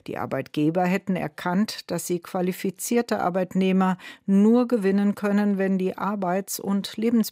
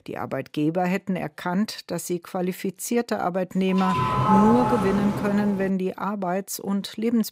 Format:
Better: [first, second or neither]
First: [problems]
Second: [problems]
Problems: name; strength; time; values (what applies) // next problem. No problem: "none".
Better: first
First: none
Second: doorbell; loud; from 3.5 to 5.5 s; peak 4 dB above the speech